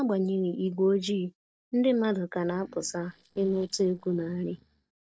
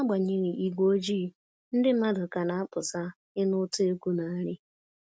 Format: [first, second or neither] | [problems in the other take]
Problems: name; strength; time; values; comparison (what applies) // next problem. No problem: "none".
second | noise reduction (neural separator model SepFormer DNS4)